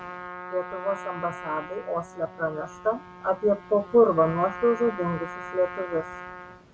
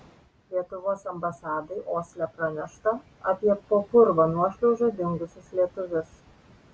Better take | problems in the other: second | background sound (Trumpet); 13 dB below the speech

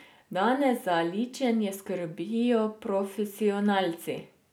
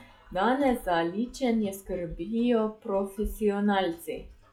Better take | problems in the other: first | noise reduction (classical method log-MMSE)

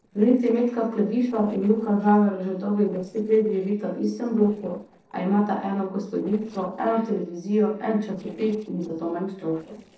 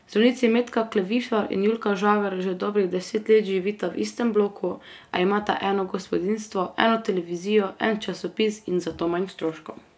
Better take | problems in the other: second | noise reduction (neural separator model SepFormer DNS4)

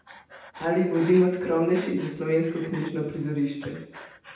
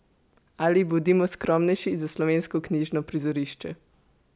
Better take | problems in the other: second | background sound (Breathing); 19 dB below the speech // room echo; dies away in 0.8 s

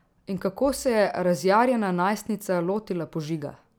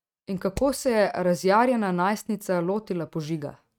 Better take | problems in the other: first | noise reduction (neural mask model RNNoise)

